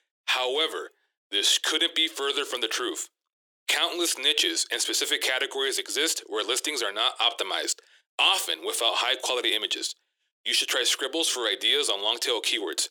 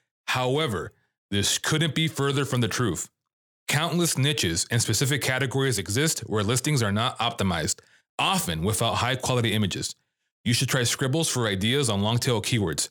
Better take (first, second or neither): second